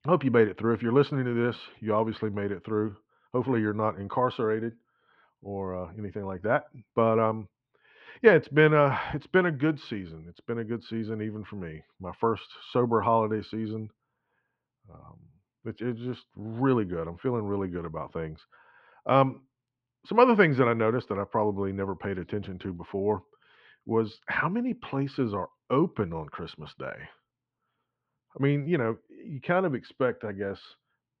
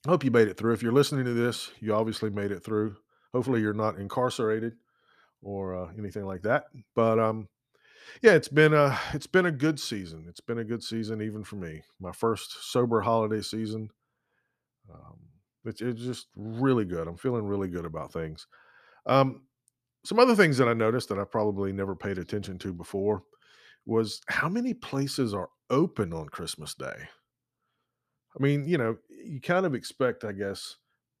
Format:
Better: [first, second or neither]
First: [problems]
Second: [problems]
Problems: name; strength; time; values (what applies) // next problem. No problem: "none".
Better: second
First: muffled; very; fading above 3 kHz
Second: none